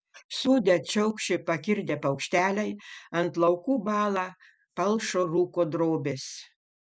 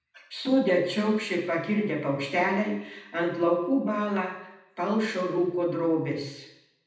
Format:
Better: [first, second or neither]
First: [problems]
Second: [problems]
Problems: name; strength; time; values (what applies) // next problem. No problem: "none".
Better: first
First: none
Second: room echo; dies away in 0.8 s